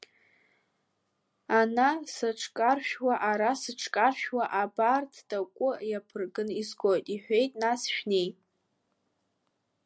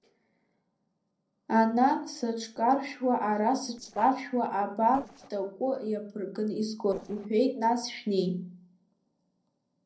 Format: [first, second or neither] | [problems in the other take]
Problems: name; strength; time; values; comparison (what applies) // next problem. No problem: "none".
first | noise reduction (neural separator model SepFormer DNS4)